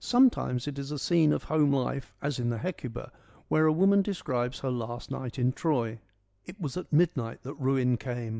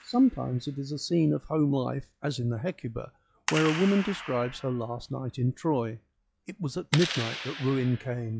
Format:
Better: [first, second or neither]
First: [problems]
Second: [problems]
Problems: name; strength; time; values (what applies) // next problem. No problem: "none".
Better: first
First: none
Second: noise reduction (classical method log-MMSE)